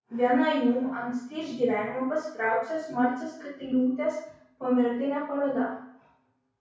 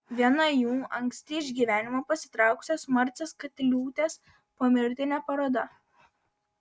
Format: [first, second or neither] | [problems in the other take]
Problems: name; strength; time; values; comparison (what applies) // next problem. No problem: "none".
second | room echo; dies away in 0.6 s